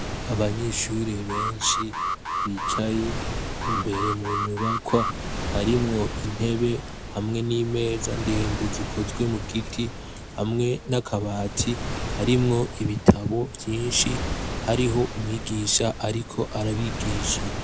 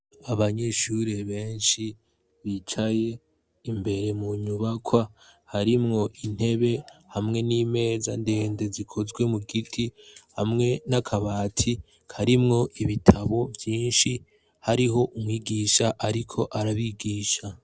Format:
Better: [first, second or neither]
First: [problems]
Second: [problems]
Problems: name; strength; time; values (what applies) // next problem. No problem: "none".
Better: second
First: background sound (Alarm + Waves, surf); 4 dB below the speech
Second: none